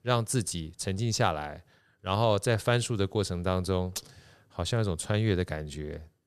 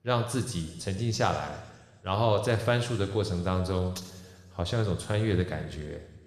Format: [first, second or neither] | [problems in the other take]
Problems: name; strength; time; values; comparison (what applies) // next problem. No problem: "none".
first | room echo; noticeable; dies away in 1.5 s